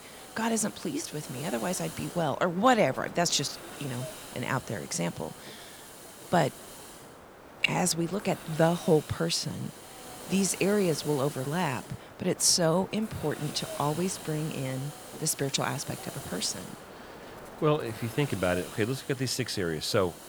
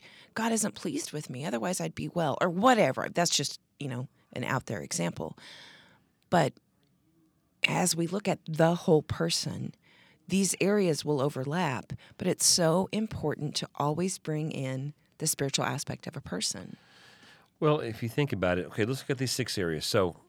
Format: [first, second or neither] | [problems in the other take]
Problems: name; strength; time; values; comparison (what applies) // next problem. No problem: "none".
second | hiss; noticeable; throughout; 15 dB below the speech